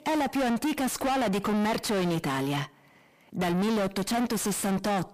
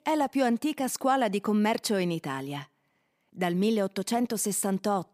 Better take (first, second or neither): second